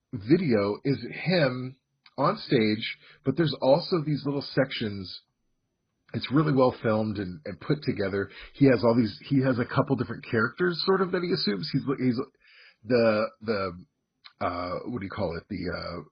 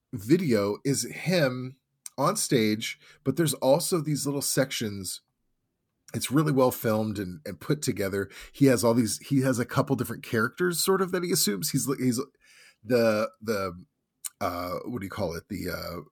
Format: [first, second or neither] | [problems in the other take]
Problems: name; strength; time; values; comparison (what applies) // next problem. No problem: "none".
second | garbled, watery; badly; nothing above 5 kHz